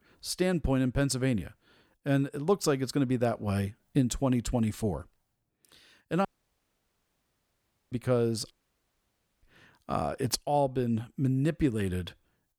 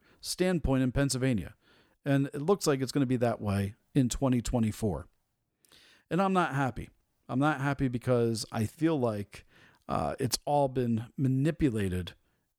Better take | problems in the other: second | audio cutting out; at 6.5 s for 1.5 s and at 8.5 s for 1 s

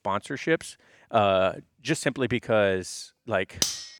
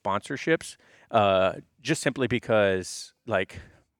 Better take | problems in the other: second | clattering dishes; very faint; at 3.5 s; peak level with the speech

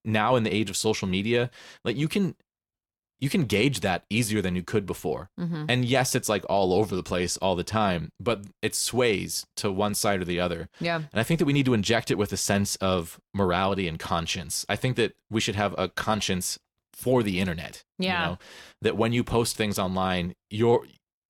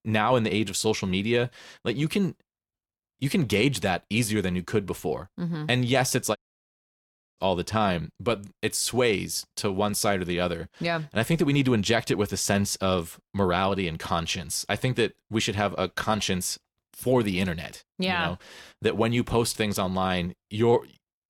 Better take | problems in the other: first | audio cutting out; at 6.5 s for 1 s

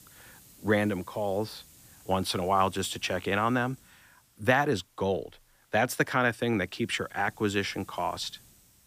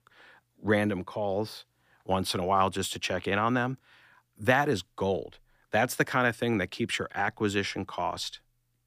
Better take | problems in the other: second | hiss; faint; throughout; 25 dB below the speech

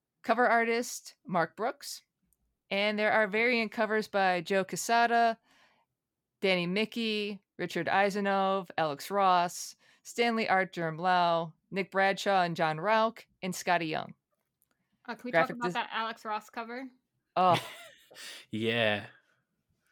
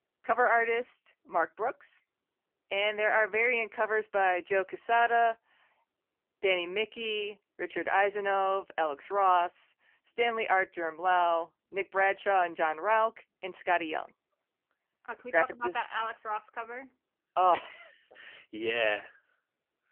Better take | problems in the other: first | phone-call audio; poor line; nothing above 3 kHz

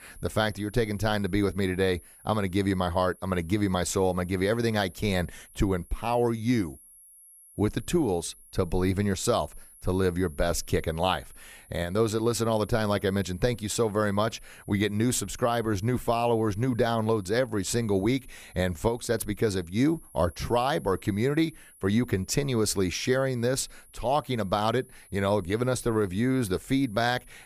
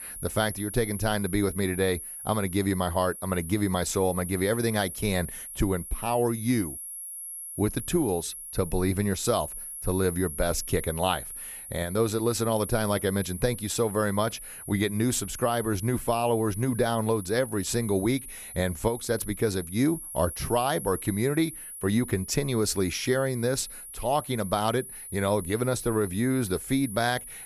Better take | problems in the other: first | high-pitched whine; loud; throughout; 10.5 kHz, 10 dB below the speech; faint in the first

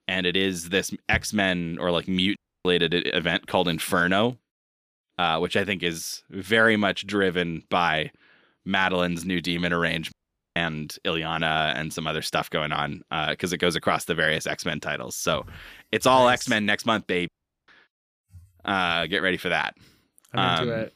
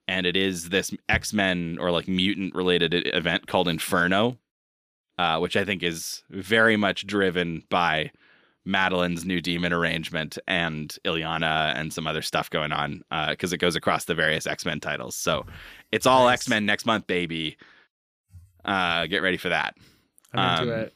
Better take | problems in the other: second | audio cutting out; at 2.5 s, at 10 s and at 17 s

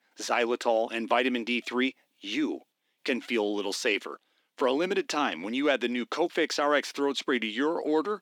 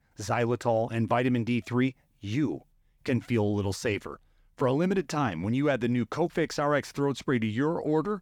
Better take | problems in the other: second | thin; very slightly; fading below 250 Hz

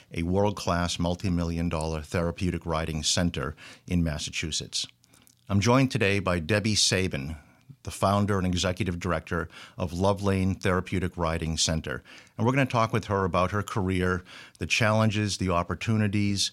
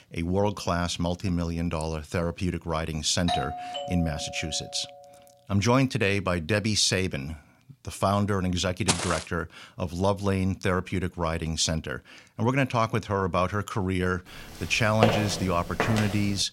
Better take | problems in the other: first | doorbell; noticeable; from 3.5 to 4.5 s; peak 3 dB below the speech // footsteps; loud; at 9 s and from 15 s on; peak 2 dB above the speech

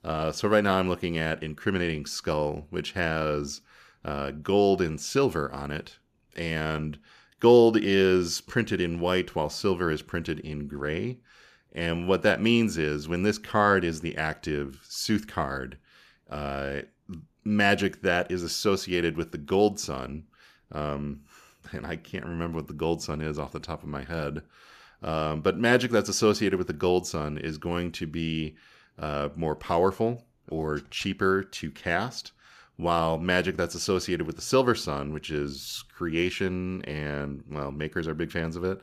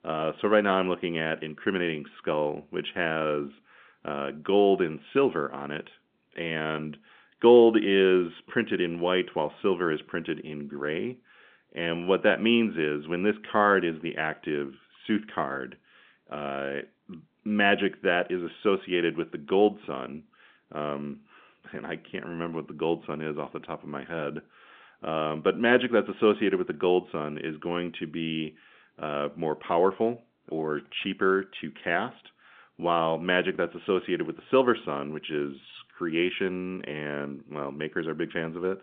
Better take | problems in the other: first | phone-call audio; nothing above 3.5 kHz

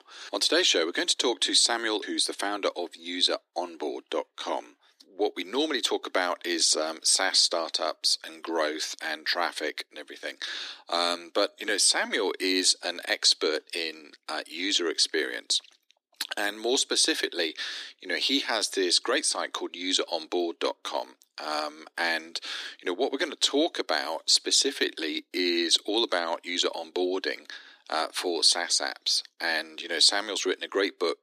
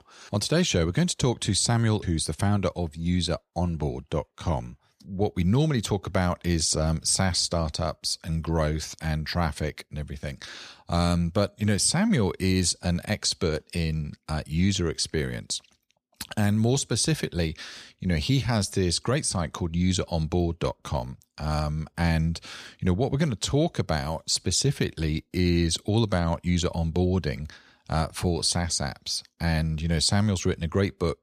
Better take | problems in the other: second | thin; very; fading below 300 Hz

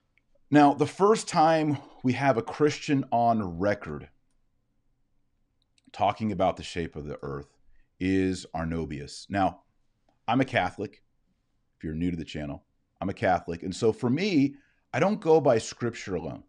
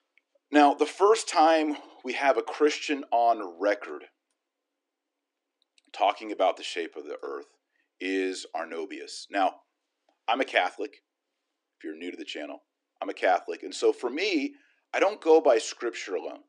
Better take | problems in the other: first | thin; somewhat; fading below 300 Hz

